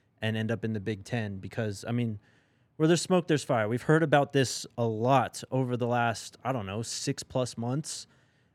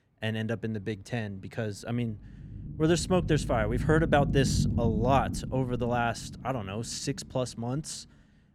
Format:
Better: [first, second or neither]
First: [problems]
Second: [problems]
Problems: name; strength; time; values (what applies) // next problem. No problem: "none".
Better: first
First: none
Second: low rumble; noticeable; throughout; 10 dB below the speech